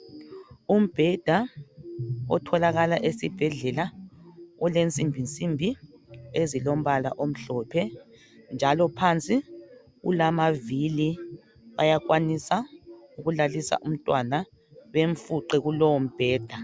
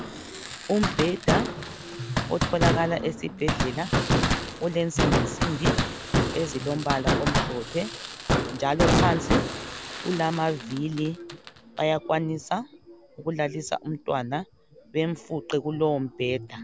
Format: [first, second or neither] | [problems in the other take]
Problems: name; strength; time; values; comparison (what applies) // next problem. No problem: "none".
first | background sound (Fireworks); as loud as the speech